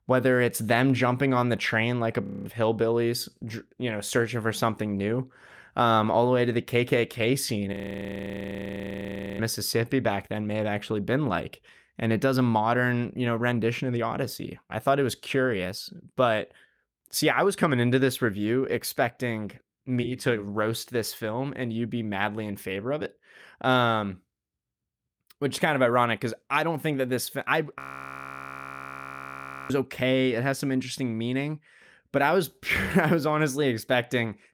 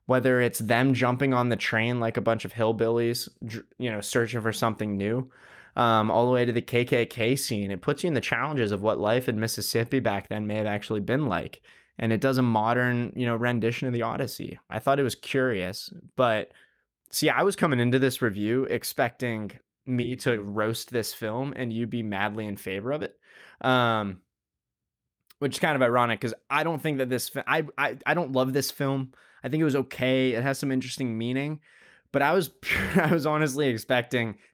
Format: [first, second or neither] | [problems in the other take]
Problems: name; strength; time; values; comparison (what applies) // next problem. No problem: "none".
second | audio freezing; at 2 s, at 7.5 s for 1.5 s and at 28 s for 2 s